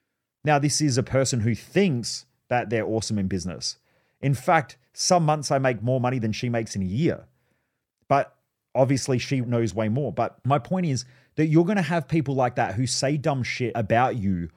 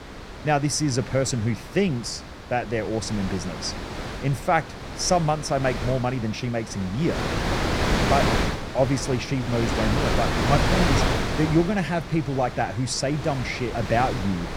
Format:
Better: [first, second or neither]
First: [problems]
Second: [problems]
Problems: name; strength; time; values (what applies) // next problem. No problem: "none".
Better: first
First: none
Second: wind noise on the microphone; heavy; 2 dB below the speech